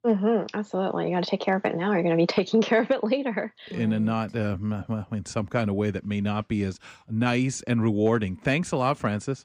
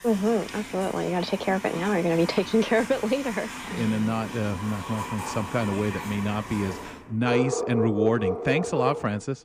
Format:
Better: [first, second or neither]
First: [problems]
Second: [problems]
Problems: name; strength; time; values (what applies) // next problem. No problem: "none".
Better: first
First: none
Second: animal sounds; loud; throughout; 6 dB below the speech